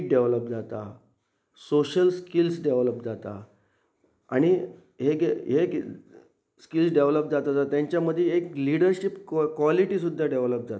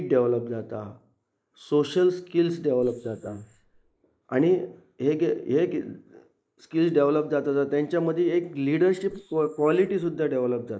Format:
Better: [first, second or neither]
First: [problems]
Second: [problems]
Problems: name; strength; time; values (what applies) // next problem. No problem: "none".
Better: first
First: none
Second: noise reduction (neural mask model Resemble Enhance denoiser)